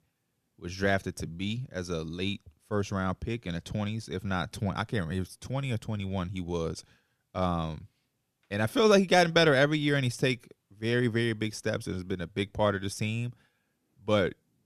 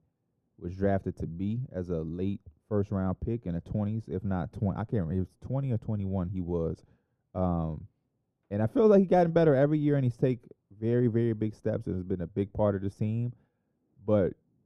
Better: first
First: none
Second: muffled; very; fading above 1.5 kHz

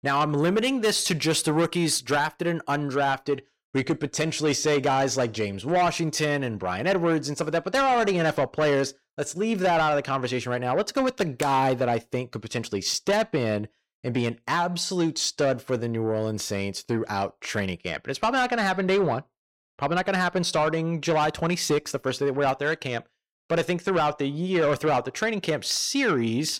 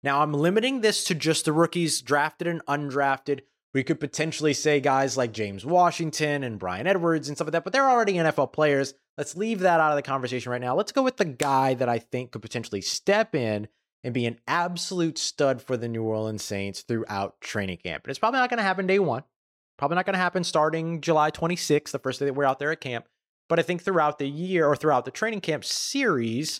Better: second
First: distortion; slight; 10 dB below the speech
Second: none

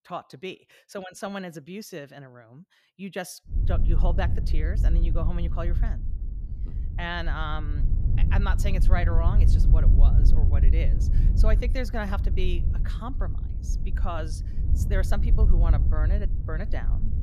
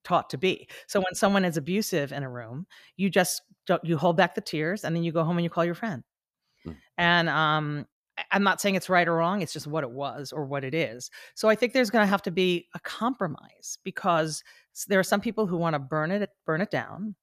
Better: second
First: wind noise on the microphone; heavy; from 3.5 s on; 8 dB below the speech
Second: none

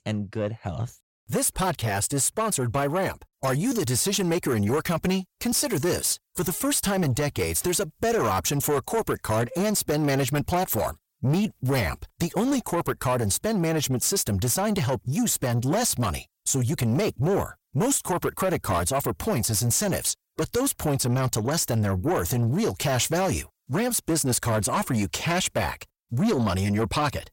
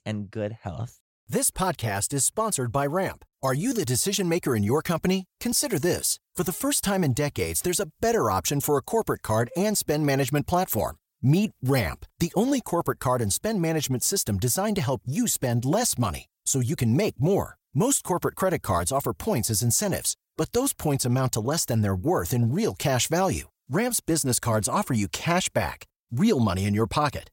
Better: second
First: distortion; slight; 10 dB below the speech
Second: none

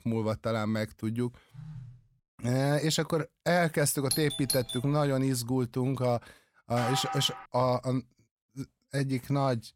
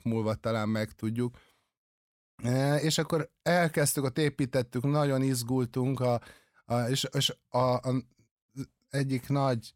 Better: second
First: phone ringing; faint; at 1.5 s; peak 15 dB below the speech // doorbell; noticeable; at 4 s; peak 3 dB below the speech // clattering dishes; noticeable; at 7 s; peak 4 dB below the speech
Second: none

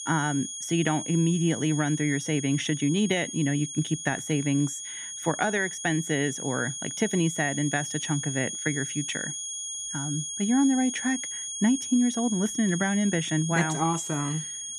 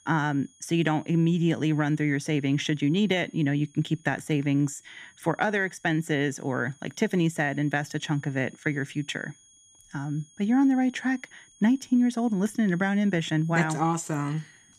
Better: second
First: high-pitched whine; loud; throughout; 6.5 kHz, 6 dB below the speech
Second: high-pitched whine; faint; throughout; 6.5 kHz, 30 dB below the speech

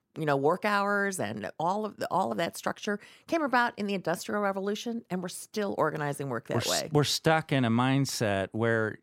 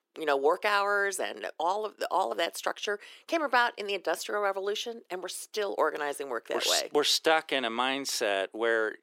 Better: first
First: none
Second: thin; somewhat; fading below 350 Hz

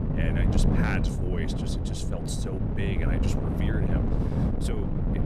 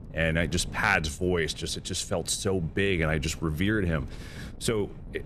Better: second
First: wind noise on the microphone; heavy; 2 dB above the speech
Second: wind noise on the microphone; occasional gusts; 25 dB below the speech

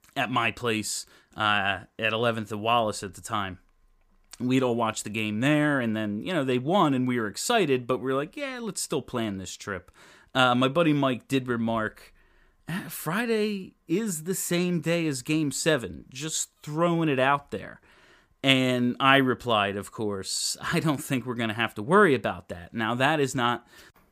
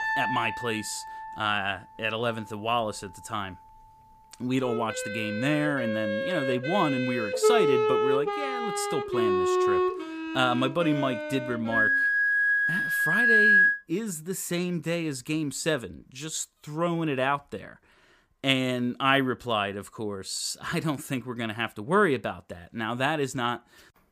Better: first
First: none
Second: background music; very loud; until 14 s; 4 dB above the speech

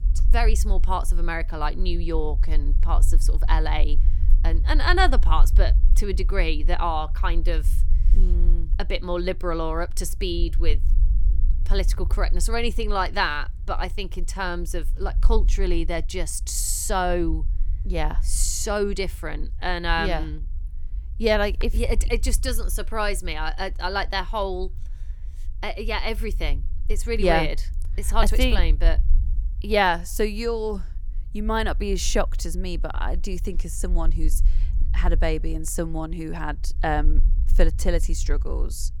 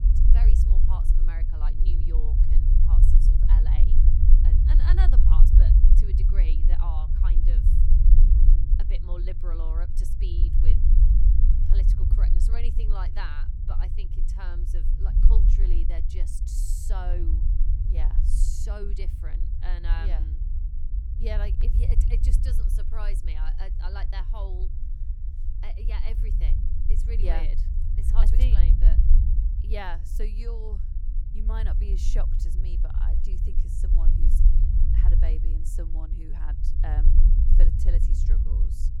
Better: first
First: low rumble; faint; throughout; 25 dB below the speech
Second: low rumble; loud; throughout; 2 dB below the speech

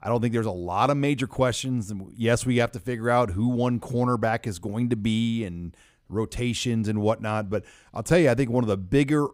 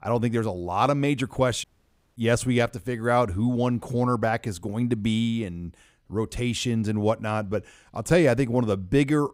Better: first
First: none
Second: audio cutting out; at 1.5 s for 0.5 s

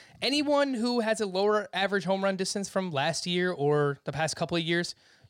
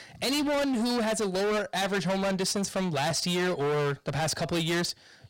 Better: first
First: none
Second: distortion; heavy; 34% of the sound clipped

